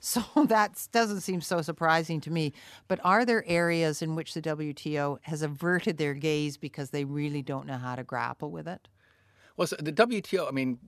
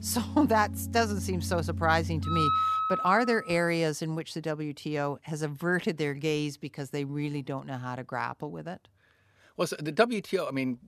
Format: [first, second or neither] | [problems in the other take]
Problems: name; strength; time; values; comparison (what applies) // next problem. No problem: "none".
first | background music; loud; until 3 s; 2 dB below the speech